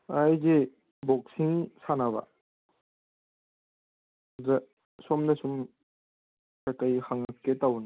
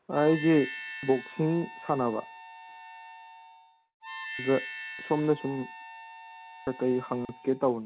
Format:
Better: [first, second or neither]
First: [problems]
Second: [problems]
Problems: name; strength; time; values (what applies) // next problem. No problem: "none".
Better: first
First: none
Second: background sound (Harmonica); 13 dB below the speech